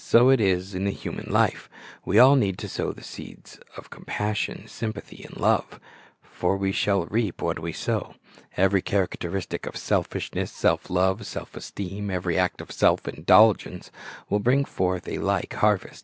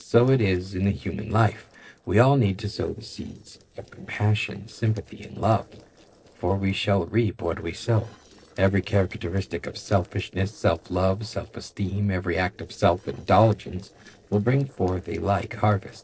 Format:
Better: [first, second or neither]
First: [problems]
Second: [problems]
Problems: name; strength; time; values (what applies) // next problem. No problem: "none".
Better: first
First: none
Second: noise reduction (neural separator model SepFormer DNS4)